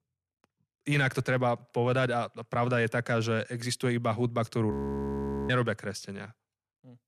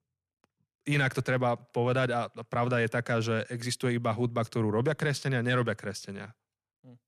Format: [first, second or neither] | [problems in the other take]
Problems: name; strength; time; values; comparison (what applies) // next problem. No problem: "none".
second | audio freezing; at 4.5 s for 1 s